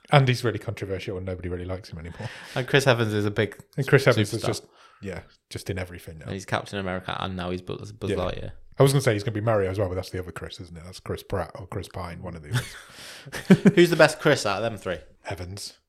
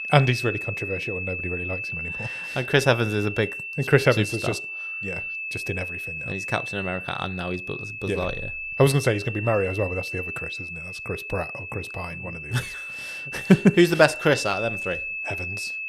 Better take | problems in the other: first | high-pitched whine; loud; throughout; 2.5 kHz, 6 dB below the speech

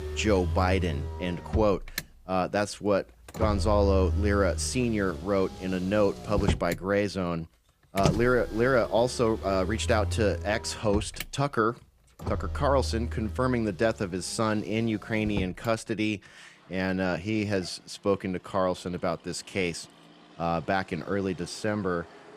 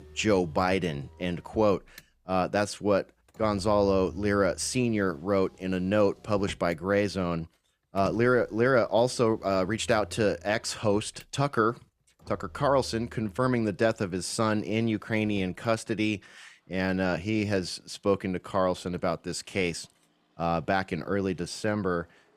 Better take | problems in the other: second | traffic noise; loud; throughout; 6 dB below the speech; faint in the second

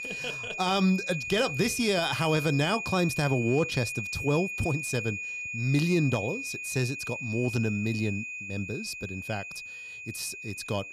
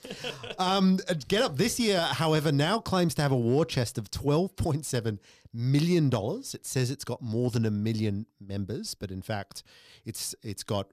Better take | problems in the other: second | high-pitched whine; loud; throughout; 2.5 kHz, 5 dB below the speech

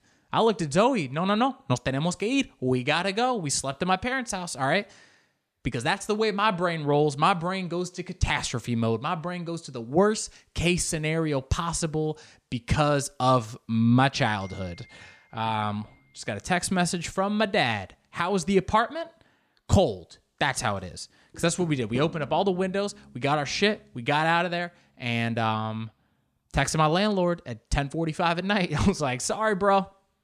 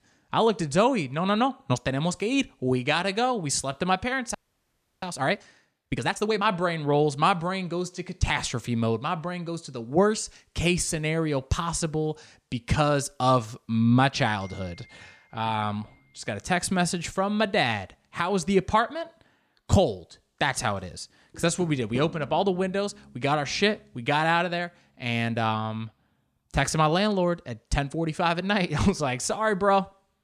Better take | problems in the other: first | audio freezing; at 4.5 s for 0.5 s

